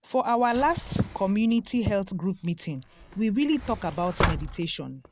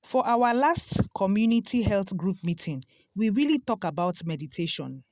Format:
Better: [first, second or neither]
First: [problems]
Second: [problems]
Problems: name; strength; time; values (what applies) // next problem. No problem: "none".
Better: second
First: background sound (Sliding door); 9 dB below the speech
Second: none